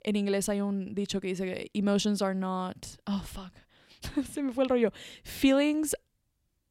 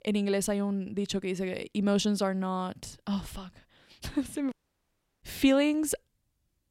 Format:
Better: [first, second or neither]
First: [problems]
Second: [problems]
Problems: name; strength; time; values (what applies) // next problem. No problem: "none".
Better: first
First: none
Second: audio cutting out; at 4.5 s for 0.5 s